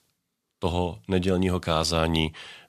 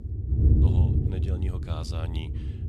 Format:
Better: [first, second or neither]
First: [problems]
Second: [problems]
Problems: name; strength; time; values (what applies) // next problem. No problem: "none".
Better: first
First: none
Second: wind noise on the microphone; heavy; 3 dB above the speech